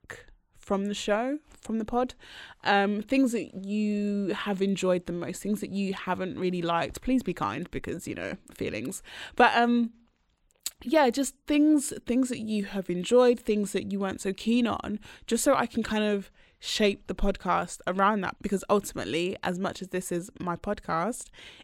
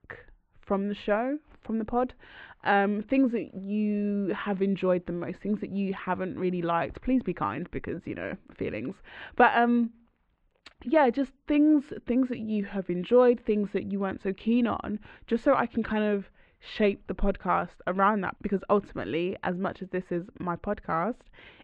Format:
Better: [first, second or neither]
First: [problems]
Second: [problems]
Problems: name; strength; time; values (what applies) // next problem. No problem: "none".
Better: first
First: none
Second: muffled; very; fading above 2.5 kHz